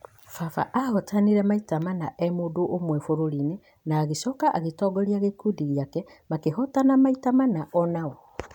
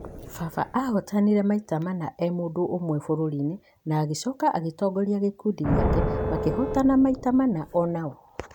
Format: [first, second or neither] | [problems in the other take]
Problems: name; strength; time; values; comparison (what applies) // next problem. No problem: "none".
first | background sound (Vehicle horn, car horn, honking + Thunder); 7 dB below the speech